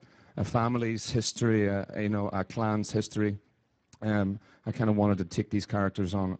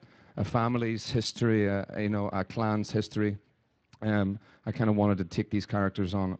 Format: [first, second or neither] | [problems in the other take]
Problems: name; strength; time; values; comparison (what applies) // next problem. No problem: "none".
second | garbled, watery; badly; nothing above 7.5 kHz; slightly in the second